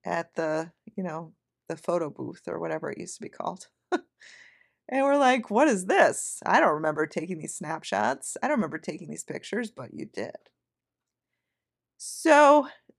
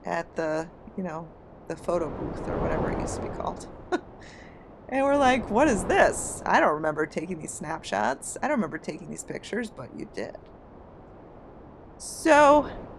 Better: first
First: none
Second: wind noise on the microphone; occasional gusts; 15 dB below the speech

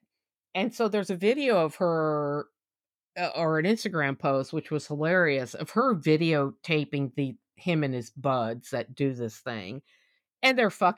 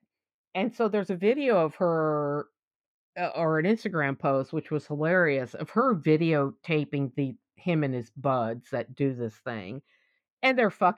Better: first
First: none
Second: muffled; slightly; fading above 3.5 kHz

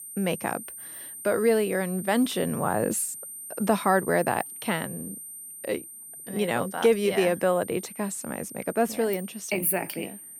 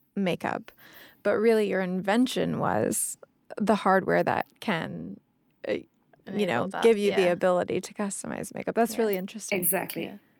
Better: second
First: high-pitched whine; noticeable; throughout; 9 kHz, 10 dB below the speech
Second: none

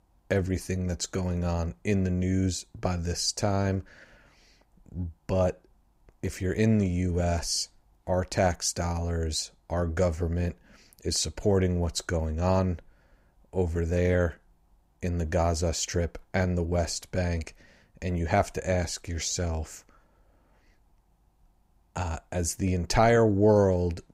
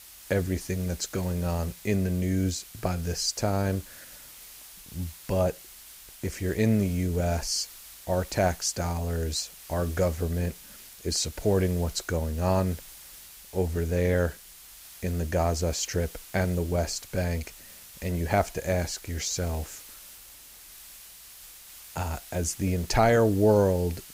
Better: first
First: none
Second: hiss; noticeable; throughout; 15 dB below the speech

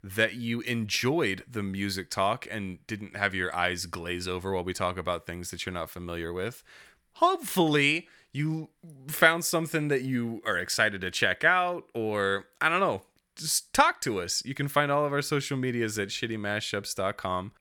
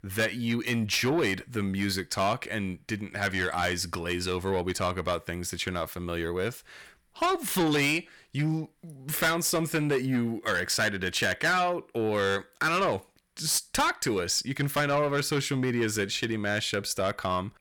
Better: first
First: none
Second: distortion; heavy; 7 dB below the speech

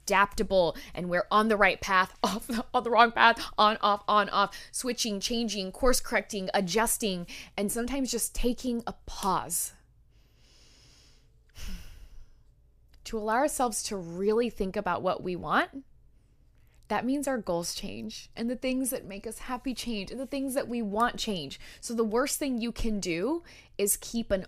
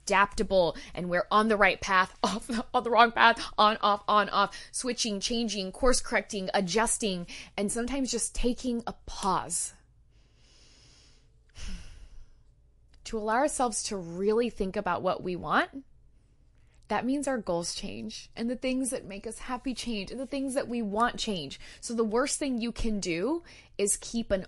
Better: first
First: none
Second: garbled, watery; slightly; nothing above 11 kHz

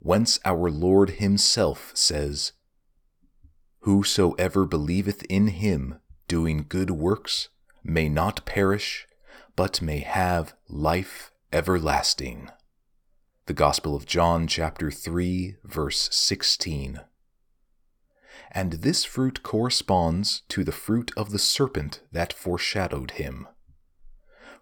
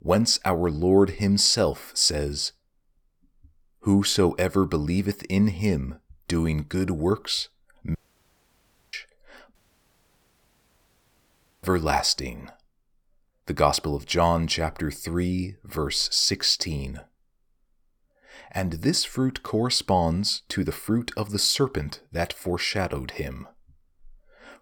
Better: first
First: none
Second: audio cutting out; at 8 s for 1 s and at 9.5 s for 2 s

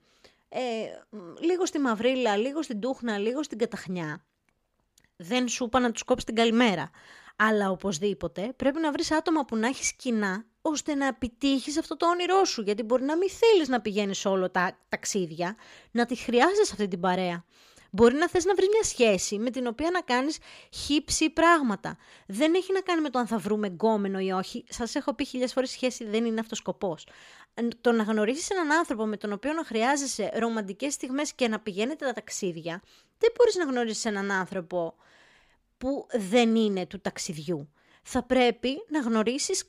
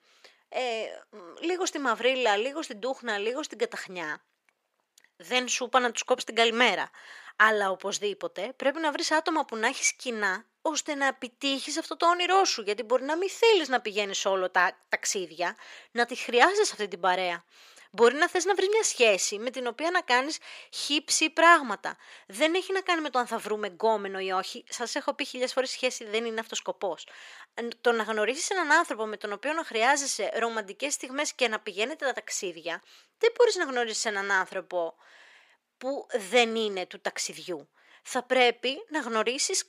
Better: first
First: none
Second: thin; somewhat; fading below 500 Hz

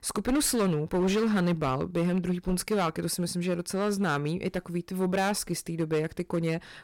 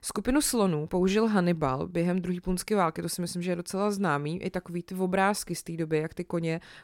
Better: second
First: distortion; slight; 9% of the sound clipped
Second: none

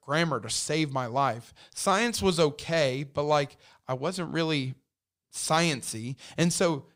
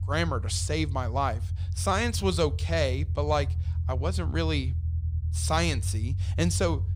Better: first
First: none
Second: low rumble; noticeable; throughout; 15 dB below the speech

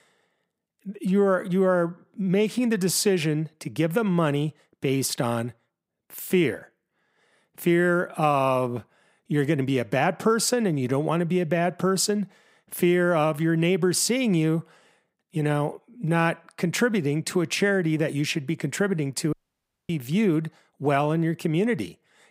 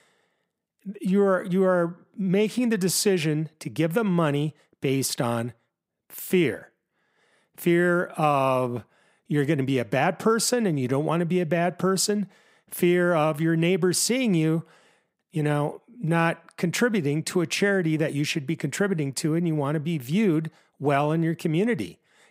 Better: second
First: audio cutting out; at 19 s for 0.5 s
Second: none

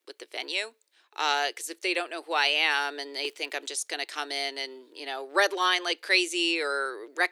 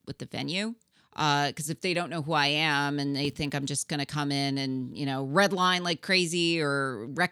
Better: second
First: thin; very; fading below 350 Hz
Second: none

